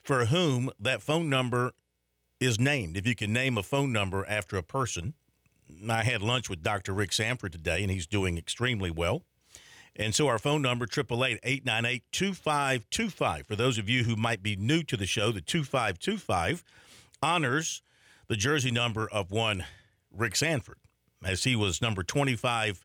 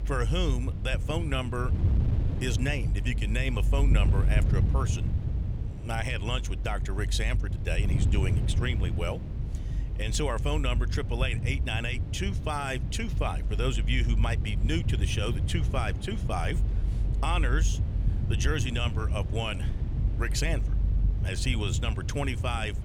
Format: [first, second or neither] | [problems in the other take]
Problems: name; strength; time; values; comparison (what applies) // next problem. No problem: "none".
first | wind noise on the microphone; occasional gusts; 10 dB below the speech